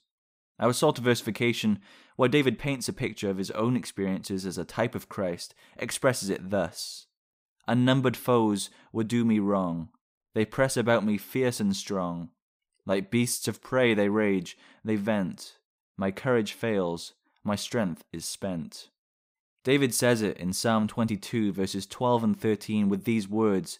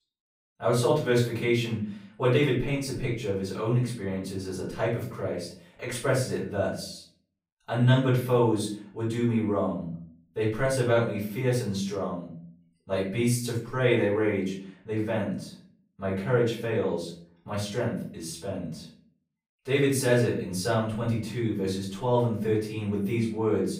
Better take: first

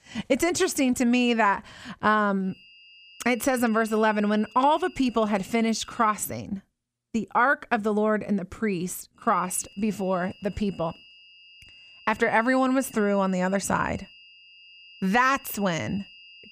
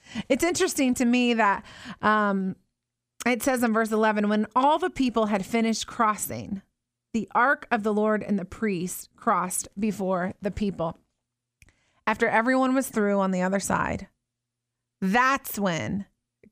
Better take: second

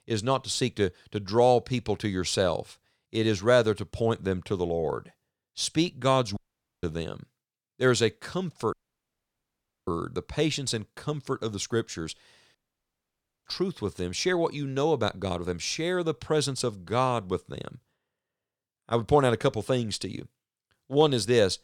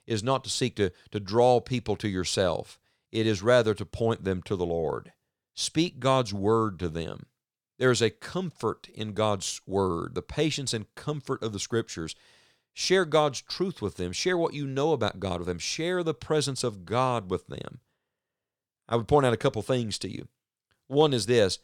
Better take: second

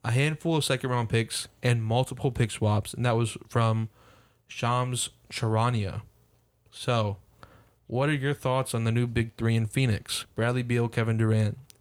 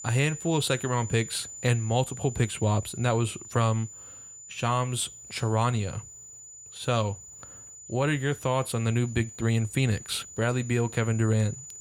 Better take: first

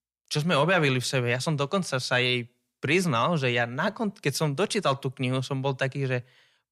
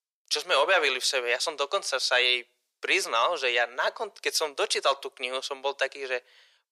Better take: first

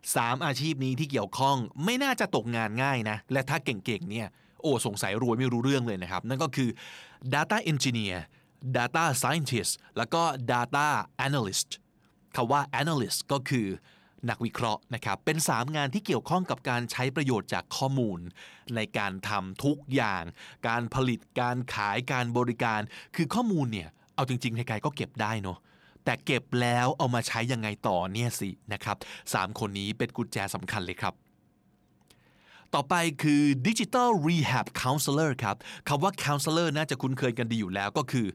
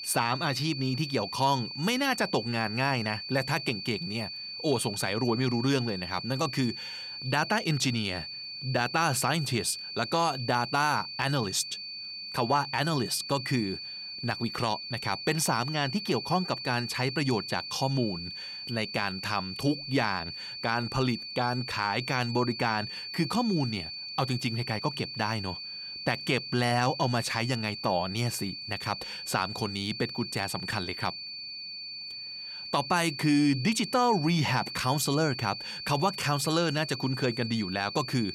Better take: first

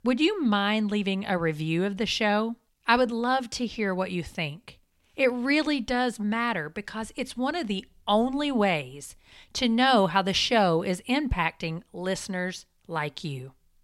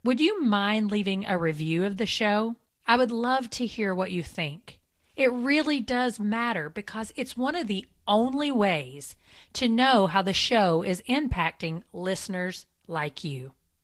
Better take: first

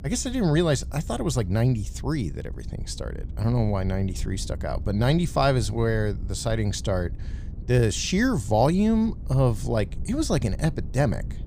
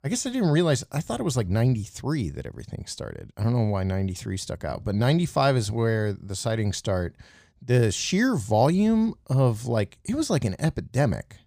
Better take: second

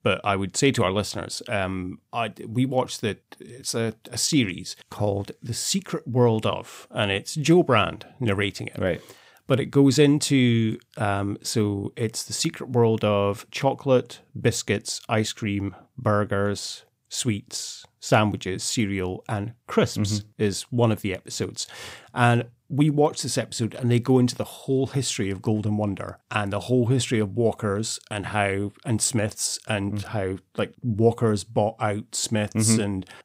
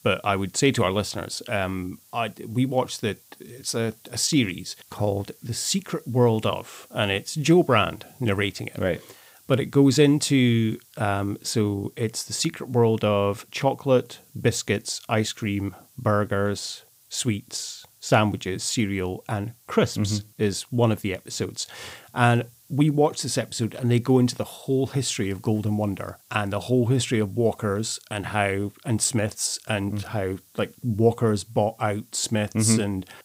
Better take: first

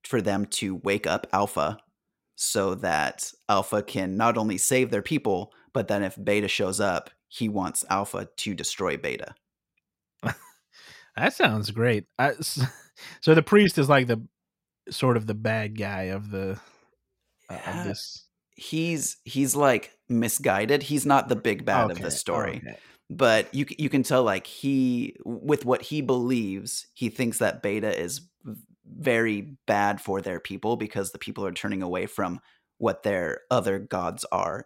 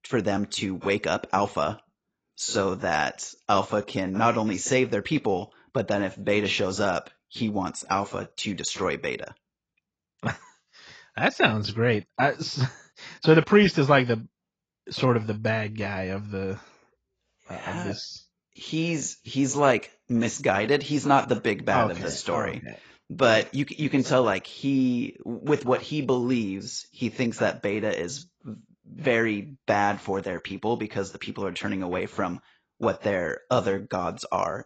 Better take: first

